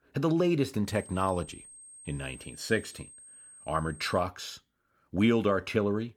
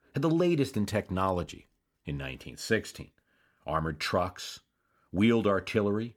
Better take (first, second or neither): second